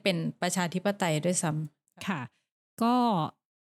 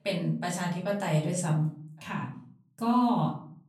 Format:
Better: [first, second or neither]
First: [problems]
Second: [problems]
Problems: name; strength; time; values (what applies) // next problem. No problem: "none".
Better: first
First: none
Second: off-mic speech; far // room echo; slight; dies away in 0.5 s